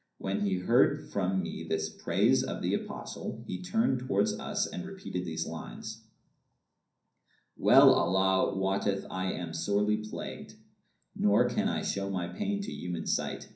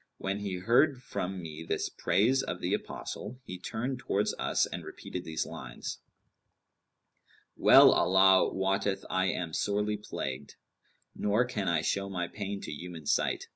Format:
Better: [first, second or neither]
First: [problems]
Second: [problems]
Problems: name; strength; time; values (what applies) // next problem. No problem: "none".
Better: second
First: room echo; dies away in 0.6 s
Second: none